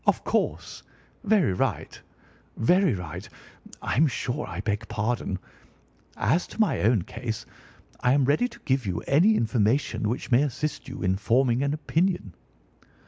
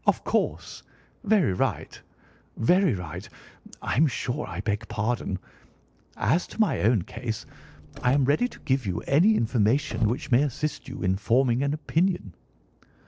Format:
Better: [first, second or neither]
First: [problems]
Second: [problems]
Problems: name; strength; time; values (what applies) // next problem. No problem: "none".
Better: first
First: none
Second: noise reduction (neural separator model SepFormer DNS4)